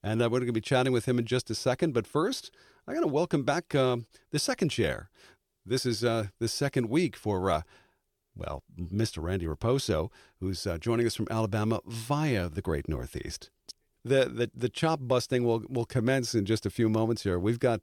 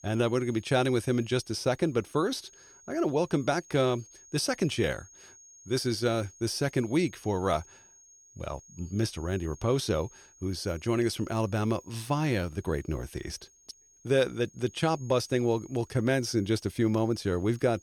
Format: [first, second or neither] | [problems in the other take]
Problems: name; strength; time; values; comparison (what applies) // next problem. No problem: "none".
first | high-pitched whine; faint; throughout; 6.5 kHz, 25 dB below the speech